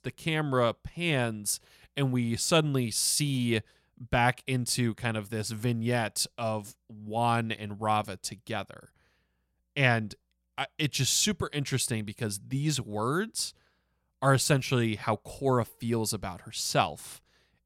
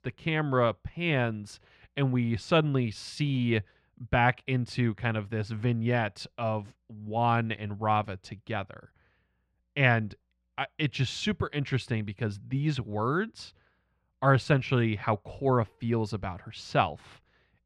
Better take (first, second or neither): first